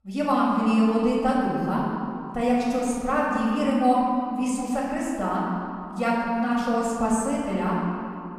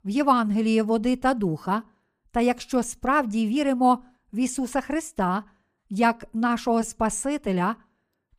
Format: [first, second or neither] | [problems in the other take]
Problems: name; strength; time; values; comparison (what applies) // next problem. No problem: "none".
second | off-mic speech; far // room echo; noticeable; dies away in 2.4 s